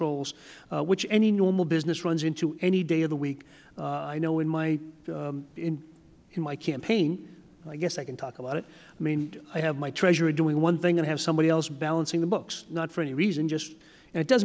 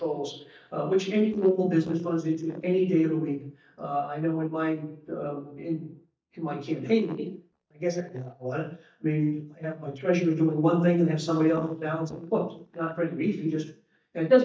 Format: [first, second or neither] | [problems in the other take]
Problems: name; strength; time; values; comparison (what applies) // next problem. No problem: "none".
first | noise reduction (neural mask model DeepFilterNet 3)